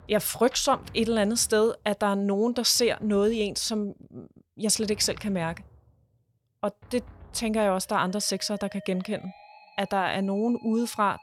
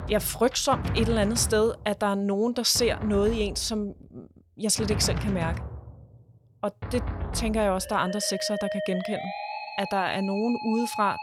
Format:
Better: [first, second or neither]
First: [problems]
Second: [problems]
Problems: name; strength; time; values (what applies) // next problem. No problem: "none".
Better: first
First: background music; faint; throughout; 25 dB below the speech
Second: background music; loud; throughout; 8 dB below the speech